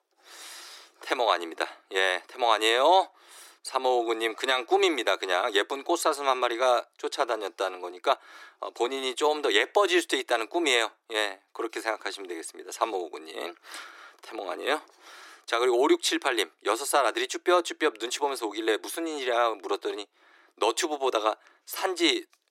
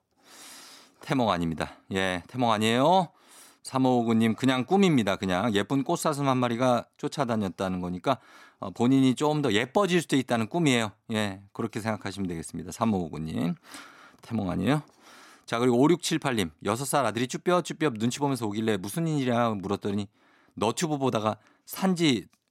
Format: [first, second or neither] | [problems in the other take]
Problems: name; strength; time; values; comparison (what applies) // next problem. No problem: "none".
second | thin; very; fading below 350 Hz